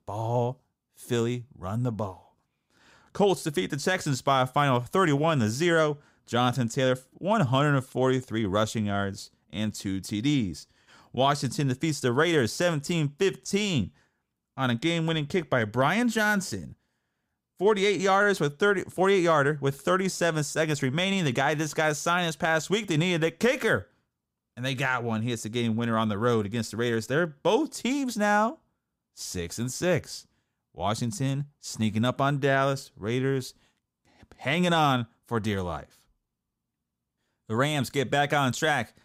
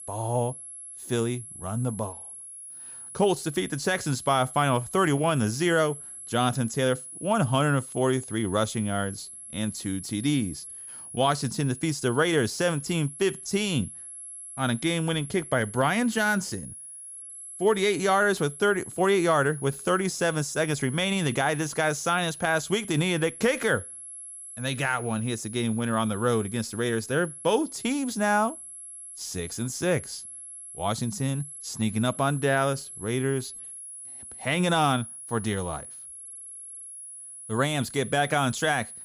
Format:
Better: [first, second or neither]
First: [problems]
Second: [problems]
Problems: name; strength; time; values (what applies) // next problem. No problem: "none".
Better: first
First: none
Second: high-pitched whine; noticeable; throughout; 11 kHz, 10 dB below the speech